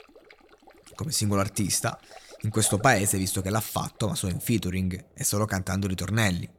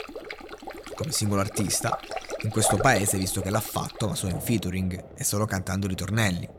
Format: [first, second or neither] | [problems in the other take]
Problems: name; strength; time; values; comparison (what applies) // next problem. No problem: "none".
first | rain or running water; loud; throughout; 10 dB below the speech; faint in the first